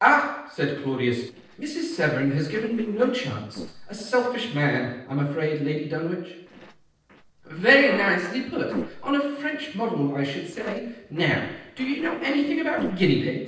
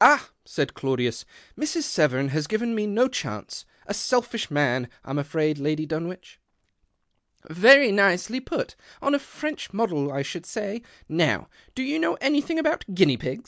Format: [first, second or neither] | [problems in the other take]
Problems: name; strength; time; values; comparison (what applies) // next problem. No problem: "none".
second | noise reduction (neural separator model SepFormer DNS4)